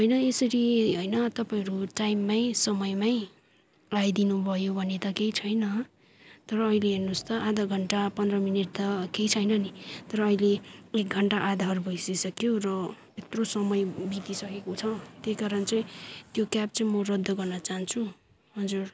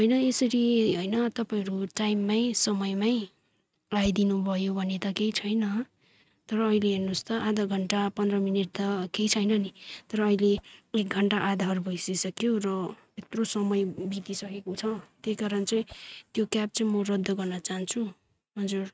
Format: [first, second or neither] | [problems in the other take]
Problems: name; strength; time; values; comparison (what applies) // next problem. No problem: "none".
first | noise reduction (neural mask model RNNoise)